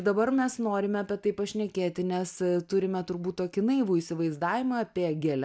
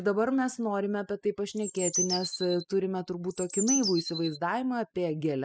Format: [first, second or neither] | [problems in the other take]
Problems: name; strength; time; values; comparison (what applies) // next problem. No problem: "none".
first | noise reduction (classical method spectral subtraction)